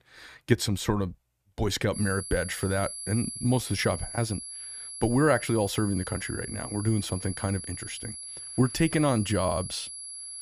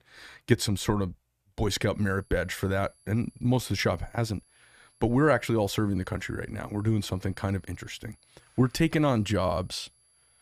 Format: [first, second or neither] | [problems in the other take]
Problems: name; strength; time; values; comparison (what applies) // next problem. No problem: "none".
second | high-pitched whine; loud; from 2 s on; 11 kHz, 9 dB below the speech; faint in the second